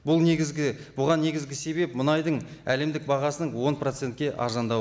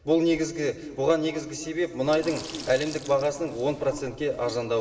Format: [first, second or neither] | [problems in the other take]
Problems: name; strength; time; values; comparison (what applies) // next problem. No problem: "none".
first | background sound (Sink (filling or washing)); 16 dB below the speech // room echo; dies away in 2.6 s